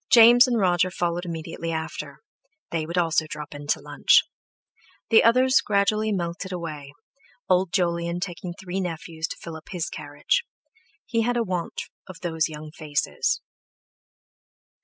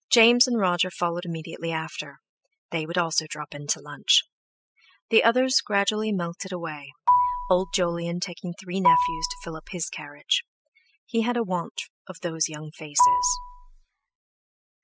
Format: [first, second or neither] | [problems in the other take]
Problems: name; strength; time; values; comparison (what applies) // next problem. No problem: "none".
first | noise reduction (classical method spectral subtraction)